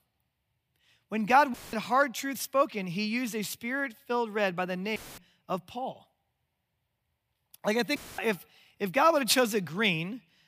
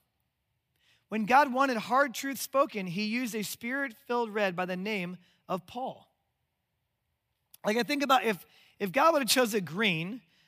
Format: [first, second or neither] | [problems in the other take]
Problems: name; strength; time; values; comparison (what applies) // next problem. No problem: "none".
second | audio cutting out; filled with static; at 1.5 s, at 5 s and at 8 s